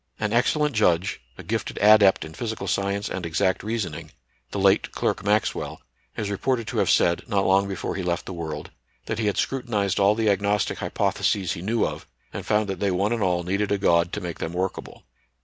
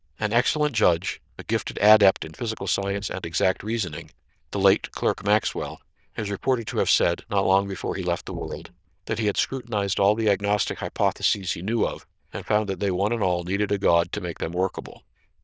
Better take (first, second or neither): first